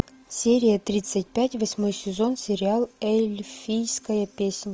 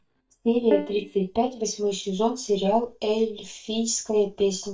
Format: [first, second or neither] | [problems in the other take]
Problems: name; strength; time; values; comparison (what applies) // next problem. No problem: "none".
first | noise reduction (neural mask model DeepFilterNet 3)